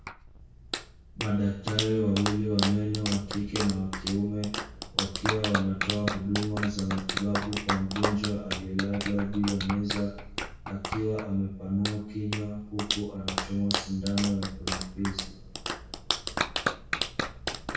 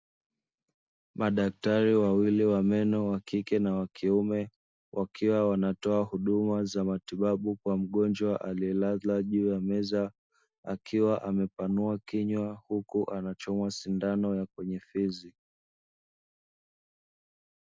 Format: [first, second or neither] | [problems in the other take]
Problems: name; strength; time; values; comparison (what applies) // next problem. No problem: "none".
second | background sound (Clapping); 4 dB below the speech // room echo; dies away in 0.6 s